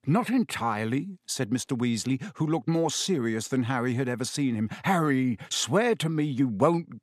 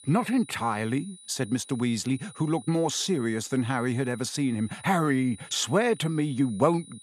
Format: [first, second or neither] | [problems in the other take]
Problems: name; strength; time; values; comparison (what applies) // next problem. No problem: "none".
first | high-pitched whine; noticeable; throughout; 9.5 kHz, 20 dB below the speech